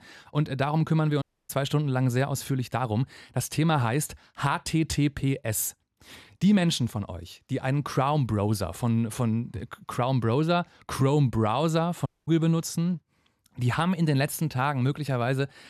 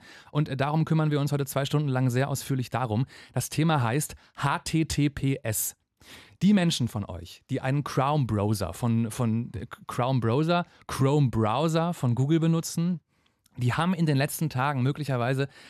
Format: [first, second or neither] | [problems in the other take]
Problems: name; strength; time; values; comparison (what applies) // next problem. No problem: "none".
second | audio cutting out; at 1 s and at 12 s